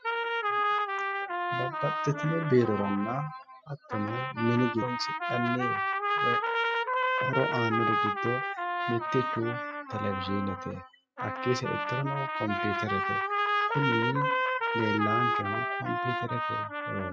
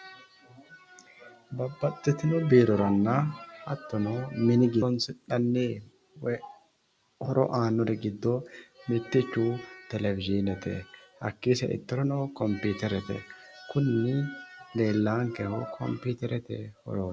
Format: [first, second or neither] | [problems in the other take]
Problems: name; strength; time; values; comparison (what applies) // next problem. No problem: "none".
second | noise reduction (classical method spectral subtraction)